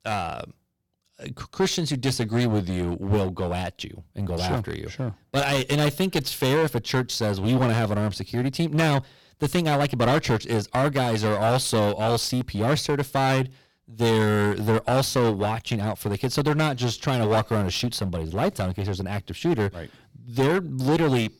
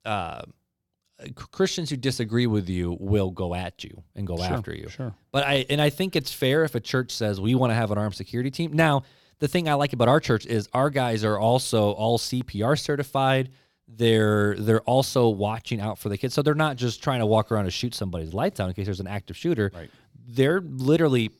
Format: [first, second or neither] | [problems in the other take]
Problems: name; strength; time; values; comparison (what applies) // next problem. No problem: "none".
second | distortion; heavy; 13% of the sound clipped